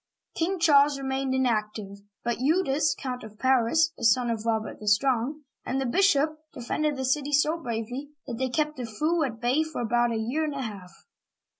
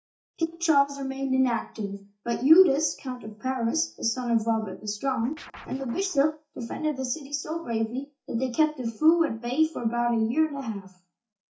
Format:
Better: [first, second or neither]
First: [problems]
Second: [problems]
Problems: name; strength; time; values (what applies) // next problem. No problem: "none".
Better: first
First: none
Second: noise reduction (neural mask model DeepFilterNet 3)